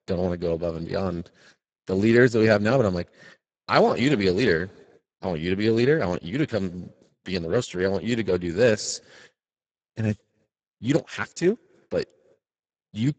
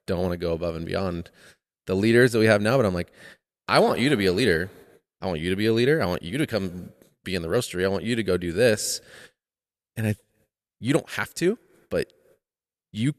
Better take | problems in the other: second | garbled, watery; badly; nothing above 7.5 kHz

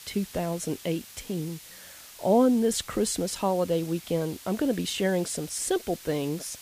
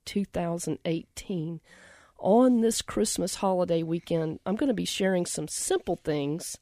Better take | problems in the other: second | hiss; noticeable; throughout; 15 dB below the speech

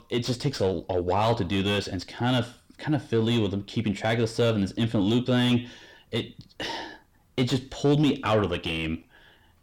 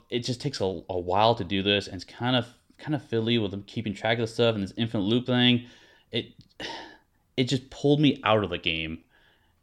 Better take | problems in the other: second | distortion; heavy; 7 dB below the speech

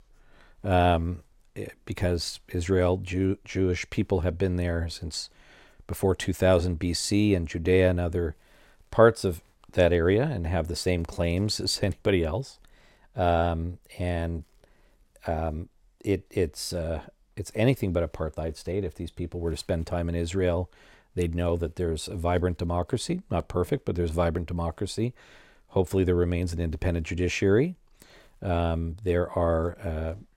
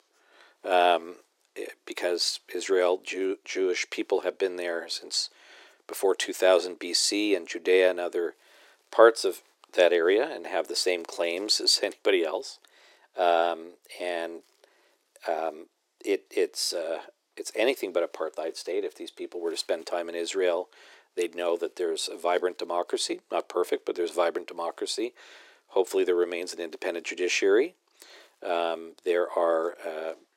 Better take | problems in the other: first | thin; very; fading below 350 Hz

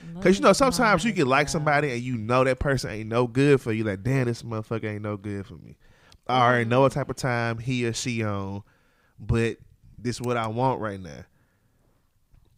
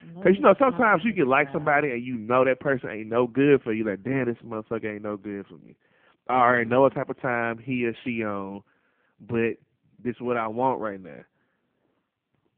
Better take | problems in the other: first | phone-call audio; poor line

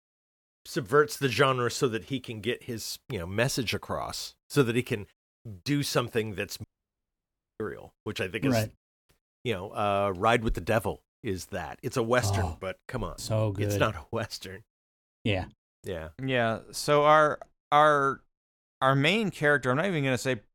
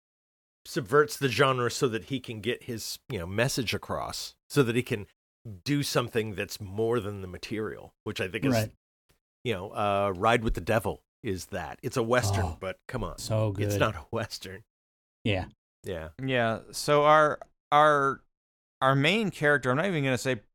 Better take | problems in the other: second | audio cutting out; at 6.5 s for 1 s

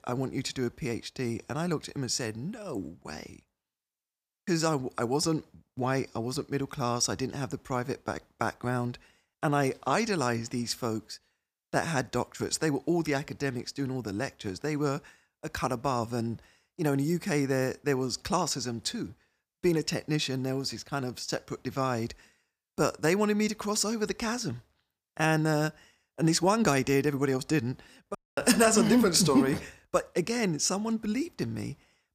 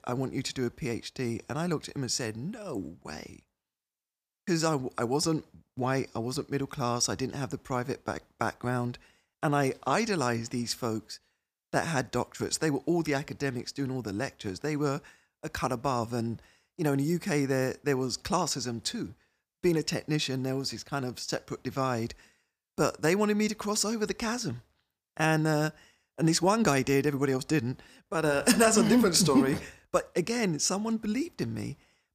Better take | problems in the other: second | audio cutting out; at 28 s

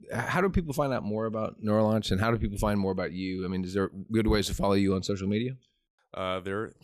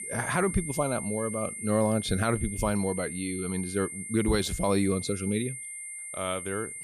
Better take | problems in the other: first | high-pitched whine; loud; throughout; 8.5 kHz, 7 dB below the speech

